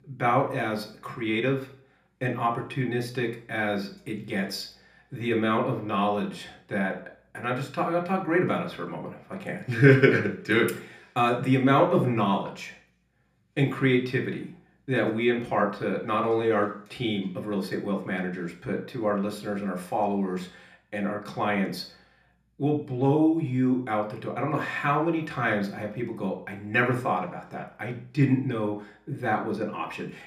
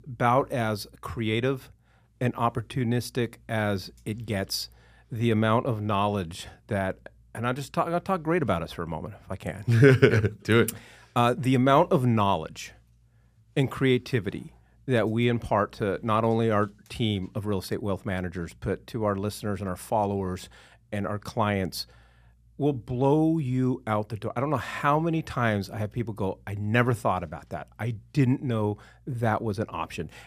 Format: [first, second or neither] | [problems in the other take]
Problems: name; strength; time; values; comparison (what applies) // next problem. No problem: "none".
second | room echo; slight; dies away in 0.4 s // off-mic speech; somewhat distant